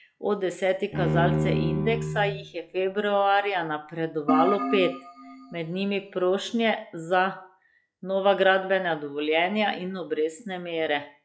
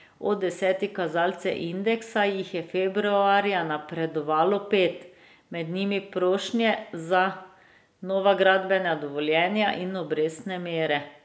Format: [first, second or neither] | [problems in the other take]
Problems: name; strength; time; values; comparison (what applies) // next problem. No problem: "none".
second | noise reduction (classical method log-MMSE)